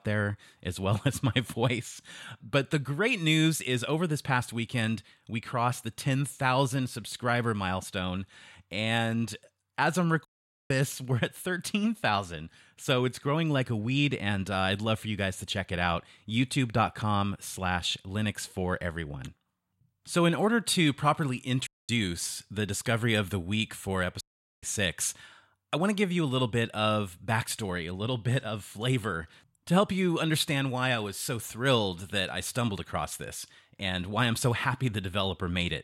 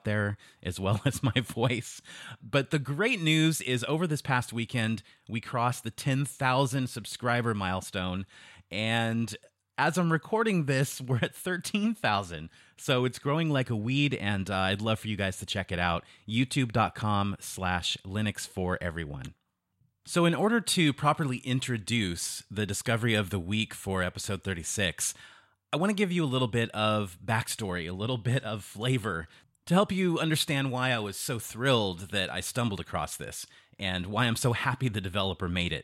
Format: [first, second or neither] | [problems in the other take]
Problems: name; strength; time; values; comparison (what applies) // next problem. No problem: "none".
second | audio cutting out; at 10 s, at 22 s and at 24 s